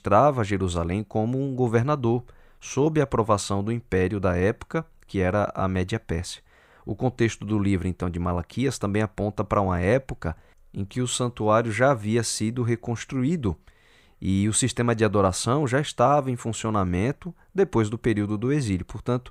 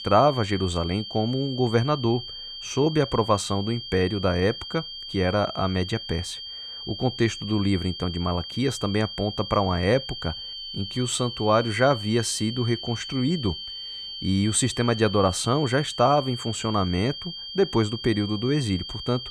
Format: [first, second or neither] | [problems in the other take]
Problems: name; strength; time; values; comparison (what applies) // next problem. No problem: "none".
first | high-pitched whine; loud; throughout; 3 kHz, 9 dB below the speech